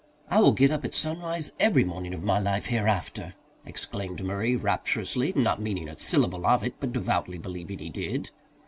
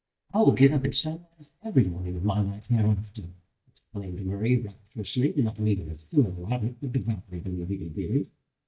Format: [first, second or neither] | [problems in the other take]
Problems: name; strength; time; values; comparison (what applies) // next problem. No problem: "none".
first | noise reduction (neural mask model DeepFilterNet 3)